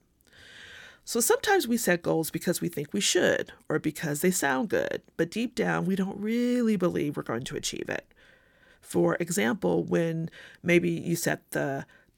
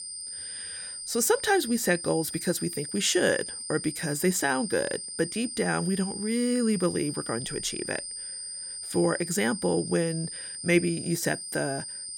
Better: first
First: none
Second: high-pitched whine; loud; throughout; 9 kHz, 7 dB below the speech

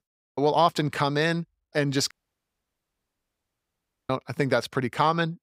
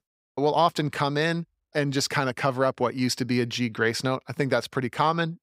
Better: second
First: audio cutting out; at 2 s for 2 s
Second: none

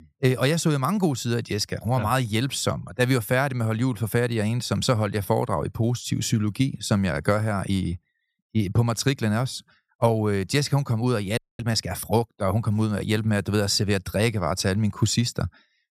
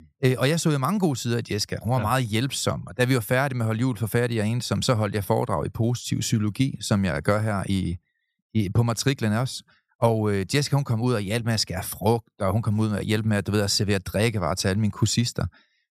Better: second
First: audio freezing; at 11 s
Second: none

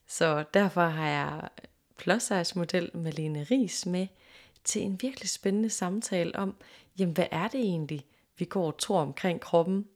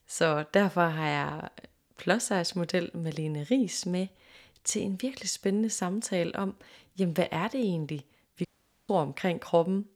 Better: first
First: none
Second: audio cutting out; at 8.5 s

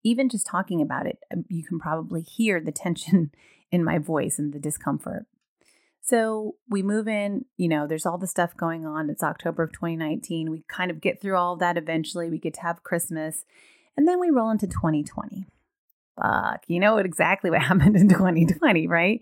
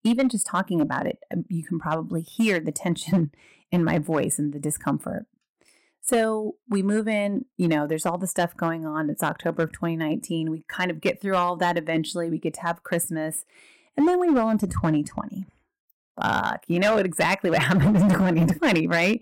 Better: first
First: none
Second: distortion; slight; 5% of the sound clipped

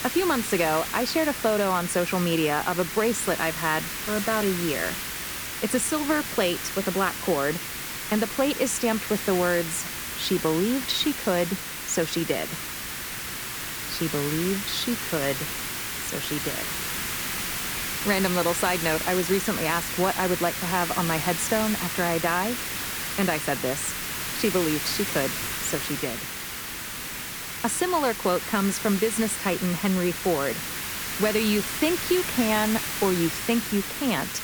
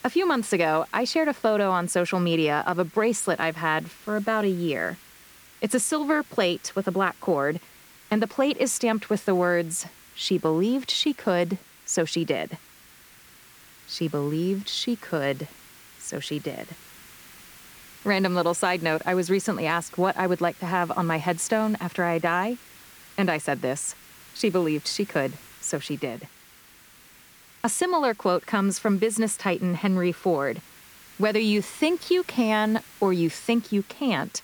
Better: second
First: hiss; loud; throughout; 3 dB below the speech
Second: hiss; faint; throughout; 20 dB below the speech

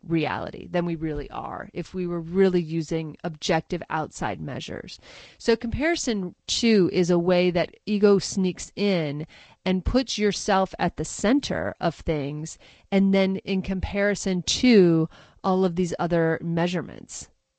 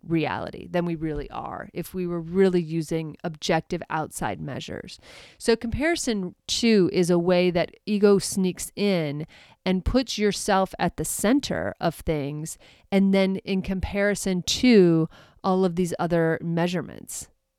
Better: second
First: garbled, watery; slightly; nothing above 8 kHz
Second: none

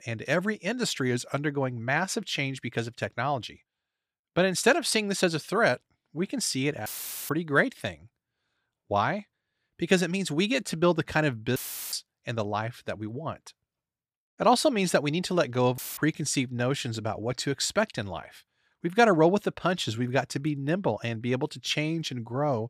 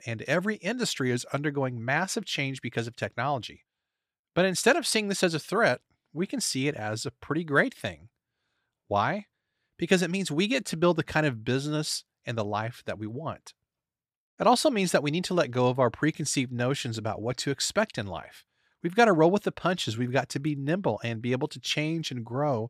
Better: second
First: audio cutting out; filled with static; at 7 s, at 12 s and at 16 s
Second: none

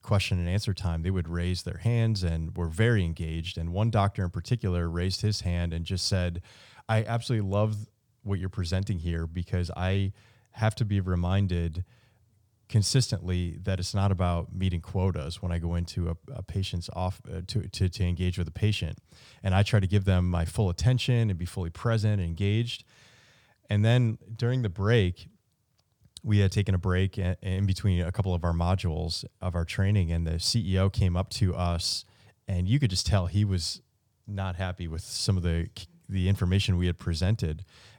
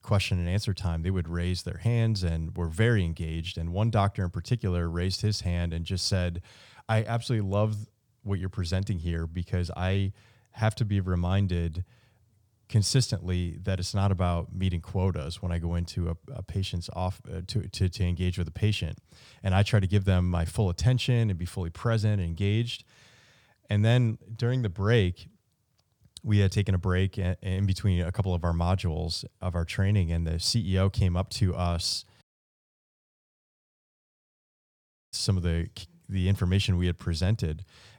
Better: first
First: none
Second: audio cutting out; at 32 s for 3 s

